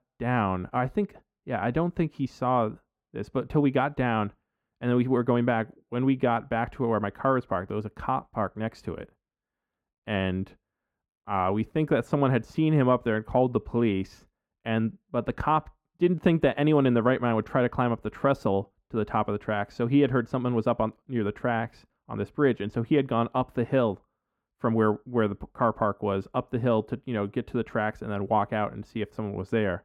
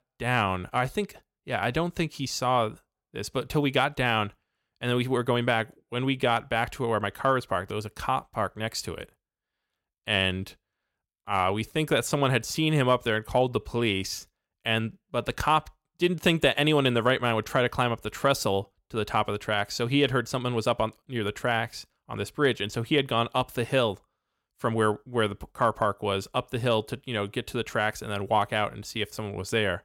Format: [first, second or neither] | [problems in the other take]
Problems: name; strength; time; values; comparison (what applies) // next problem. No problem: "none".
second | muffled; very; fading above 3 kHz